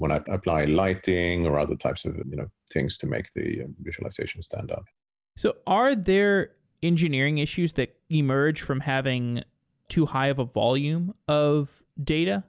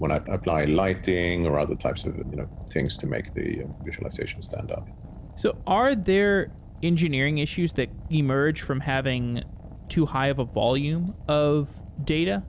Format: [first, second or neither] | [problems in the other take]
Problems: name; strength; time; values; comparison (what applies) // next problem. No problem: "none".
first | background sound (Fire); 14 dB below the speech